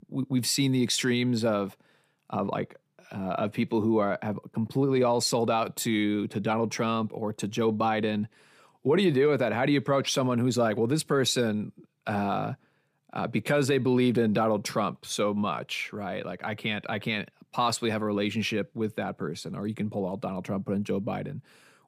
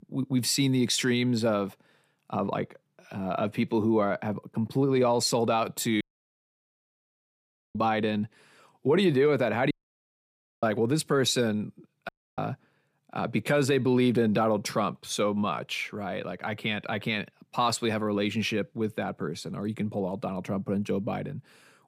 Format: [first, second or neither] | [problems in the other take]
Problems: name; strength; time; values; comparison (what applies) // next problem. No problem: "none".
first | audio cutting out; at 6 s for 1.5 s, at 9.5 s for 1 s and at 12 s